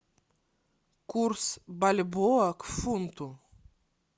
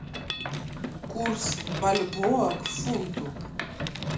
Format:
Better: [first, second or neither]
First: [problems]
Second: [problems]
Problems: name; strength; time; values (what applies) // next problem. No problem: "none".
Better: first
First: none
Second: background sound (Mechanisms); 3 dB below the speech // room echo; dies away in 0.3 s